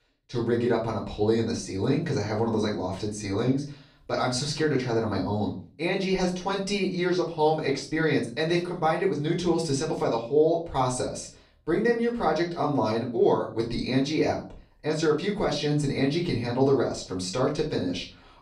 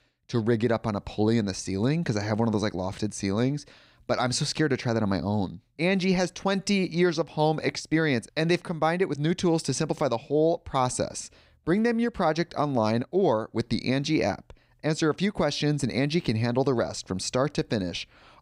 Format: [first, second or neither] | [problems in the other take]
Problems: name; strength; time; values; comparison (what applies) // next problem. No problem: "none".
second | off-mic speech; far // room echo; slight; dies away in 0.3 s